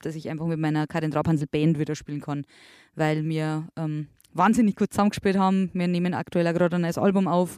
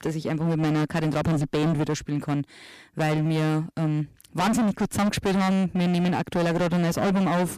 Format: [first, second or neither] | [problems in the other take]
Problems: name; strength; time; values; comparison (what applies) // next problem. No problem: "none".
first | distortion; heavy; 27% of the sound clipped